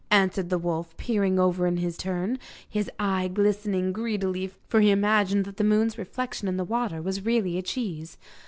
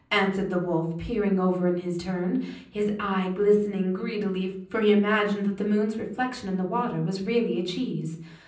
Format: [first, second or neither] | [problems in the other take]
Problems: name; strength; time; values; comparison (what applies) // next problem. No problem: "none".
first | room echo; dies away in 0.6 s